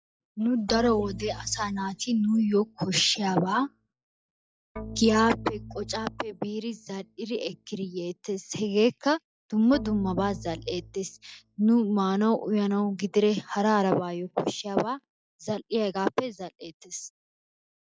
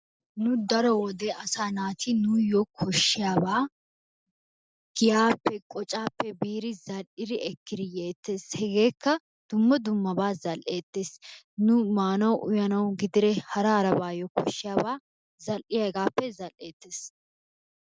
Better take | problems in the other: second | noise reduction (classical method log-MMSE)

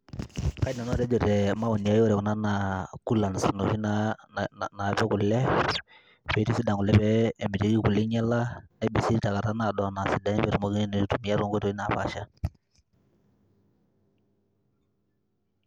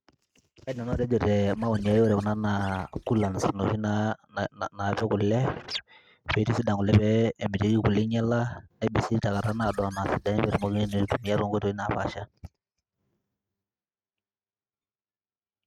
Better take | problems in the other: first | noise reduction (neural mask model RNNoise)

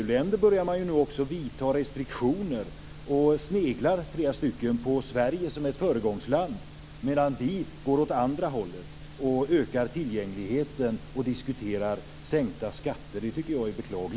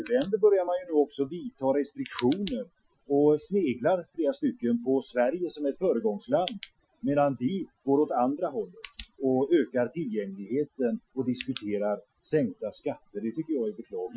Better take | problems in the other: first | noise reduction (classical method Wiener filter)

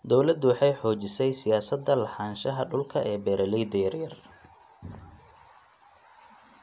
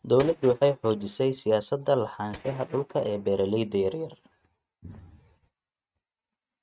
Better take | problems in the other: first | noise reduction (neural mask model RNNoise)

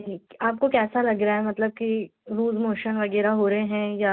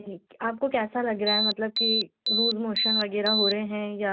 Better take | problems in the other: first | background sound (Alarm); 2 dB above the speech

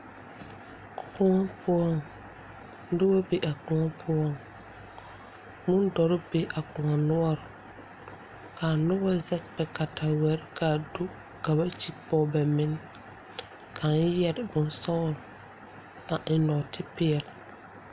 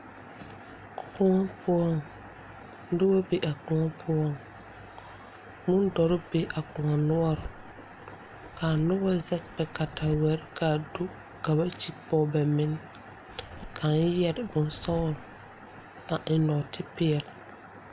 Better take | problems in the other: first | background sound (Zipper (clothing)); 18 dB below the speech

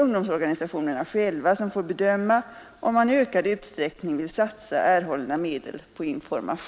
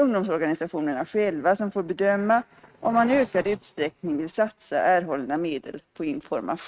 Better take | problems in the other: first | noise reduction (neural mask model RNNoise)

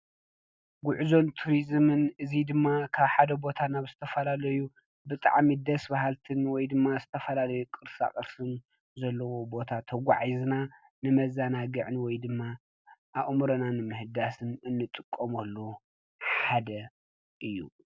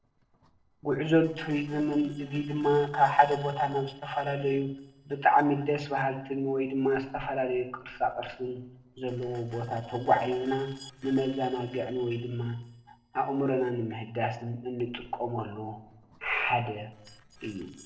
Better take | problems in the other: first | noise reduction (neural separator model SepFormer DNS4)

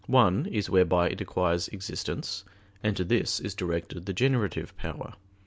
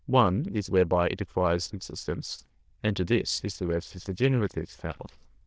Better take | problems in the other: first | noise reduction (neural diffusion model UNIVERSE++)

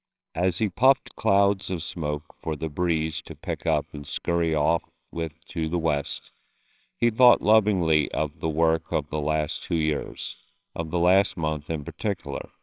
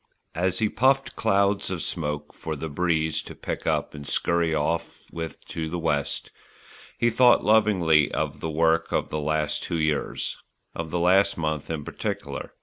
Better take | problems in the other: second | noise reduction (neural separator model SepFormer WHAMR!)

